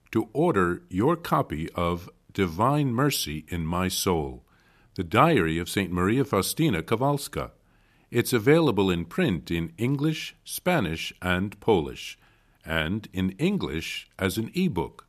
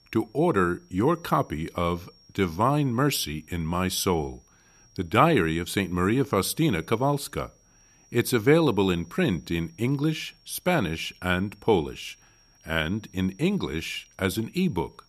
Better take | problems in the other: first | high-pitched whine; faint; throughout; 5.5 kHz, 30 dB below the speech

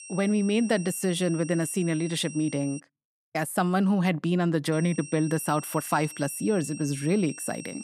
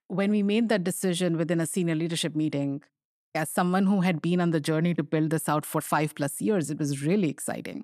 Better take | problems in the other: second | high-pitched whine; noticeable; until 3 s and from 4.5 s on; 8.5 kHz, 15 dB below the speech

